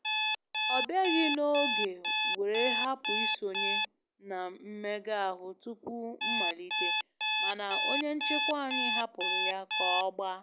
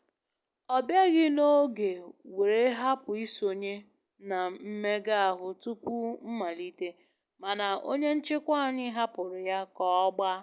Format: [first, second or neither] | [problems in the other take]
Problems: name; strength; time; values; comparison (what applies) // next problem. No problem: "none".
second | background sound (Alarm); 3 dB above the speech